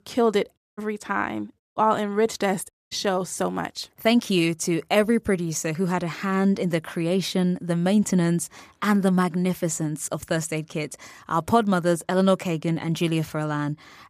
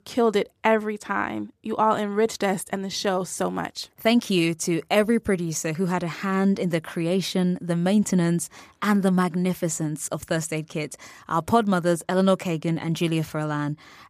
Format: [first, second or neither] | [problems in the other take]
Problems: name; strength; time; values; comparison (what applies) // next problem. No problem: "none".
second | audio cutting out; at 0.5 s, at 1.5 s and at 2.5 s